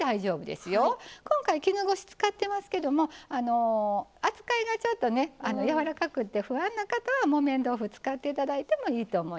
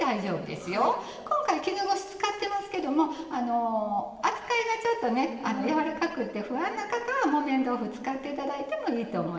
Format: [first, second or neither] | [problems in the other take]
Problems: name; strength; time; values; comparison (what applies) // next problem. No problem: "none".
first | room echo; dies away in 2.1 s